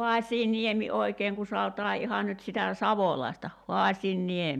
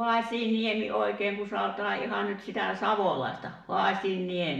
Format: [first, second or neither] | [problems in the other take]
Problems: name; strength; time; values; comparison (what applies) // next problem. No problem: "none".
first | room echo; dies away in 0.6 s